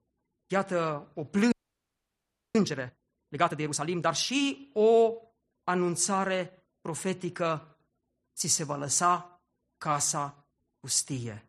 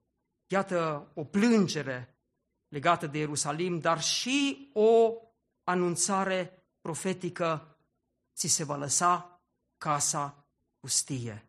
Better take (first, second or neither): second